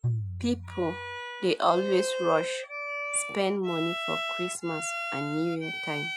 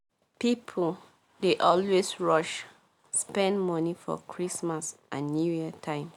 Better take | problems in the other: second | noise reduction (classical method Wiener filter)

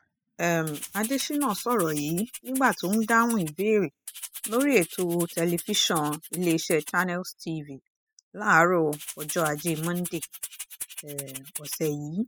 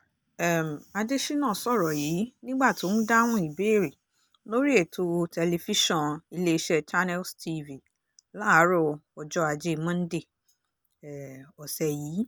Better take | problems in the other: second | noise reduction (classical method spectral subtraction)

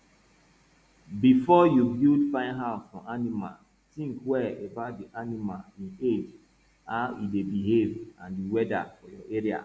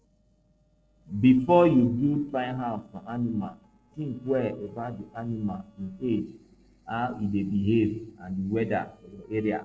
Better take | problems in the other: first | noise reduction (neural separator model SepFormer DNS4)

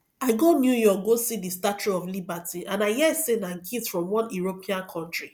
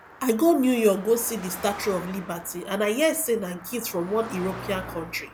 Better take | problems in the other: first | background sound (Car passing by); 15 dB below the speech

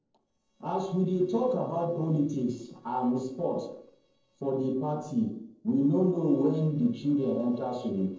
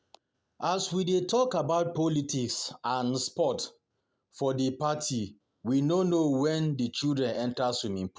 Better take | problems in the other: second | noise reduction (neural separator model SepFormer DNS4)

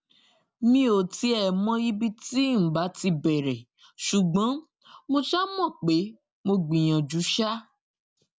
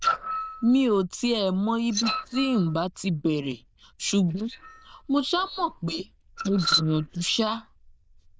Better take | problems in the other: first | noise reduction (neural diffusion model UNIVERSE++)

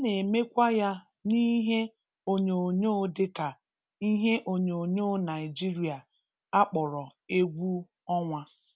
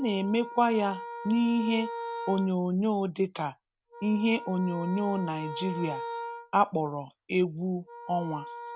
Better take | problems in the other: first | background sound (Wind instrument, woodwind instrument); 11 dB below the speech

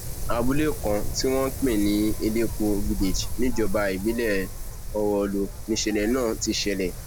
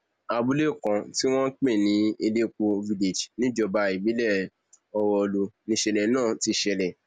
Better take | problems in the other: second | background sound (Wind); 3 dB below the speech

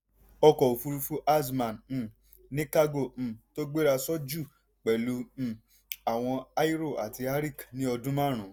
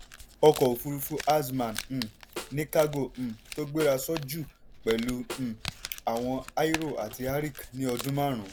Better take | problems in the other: first | background sound (Snare drum + Crumpling, crinkling); 13 dB below the speech

